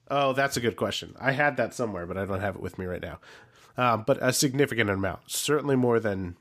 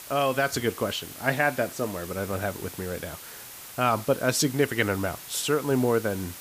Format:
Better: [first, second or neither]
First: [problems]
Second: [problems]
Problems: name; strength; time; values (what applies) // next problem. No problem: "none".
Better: first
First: none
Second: hiss; noticeable; throughout; 15 dB below the speech